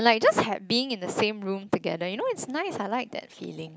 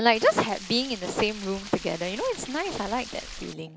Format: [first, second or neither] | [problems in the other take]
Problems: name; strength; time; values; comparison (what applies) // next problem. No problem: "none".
first | background sound (Stream); 14 dB below the speech